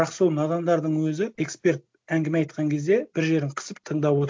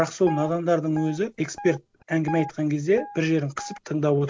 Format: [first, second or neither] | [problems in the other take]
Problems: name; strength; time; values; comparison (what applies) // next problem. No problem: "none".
first | background sound (Guitar); 14 dB below the speech